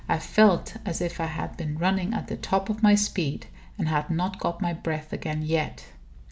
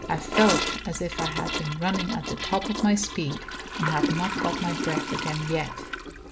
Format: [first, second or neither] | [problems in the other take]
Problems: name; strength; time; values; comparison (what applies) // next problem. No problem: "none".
first | background sound (Toilet flush / Gurgling); 3 dB below the speech